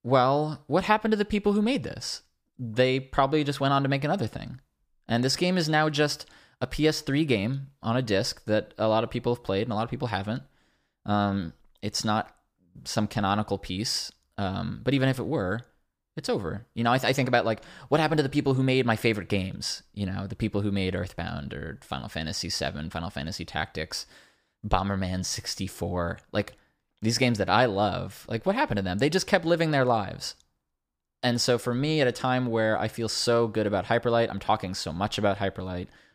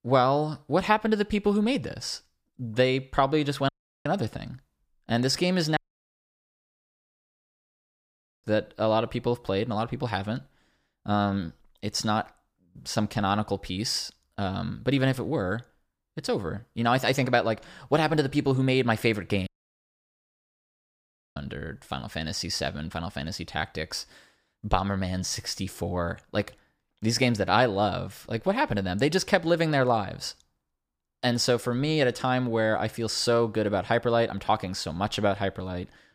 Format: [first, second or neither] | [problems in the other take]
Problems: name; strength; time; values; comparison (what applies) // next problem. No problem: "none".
first | audio cutting out; at 3.5 s, at 6 s for 2.5 s and at 19 s for 2 s